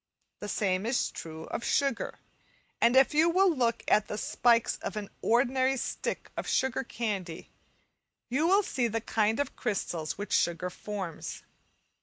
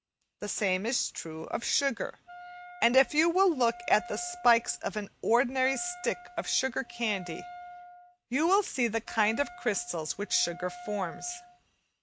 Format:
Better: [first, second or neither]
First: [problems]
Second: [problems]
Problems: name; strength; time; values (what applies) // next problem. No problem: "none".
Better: first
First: none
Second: background sound (Wind instrument, woodwind instrument); 17 dB below the speech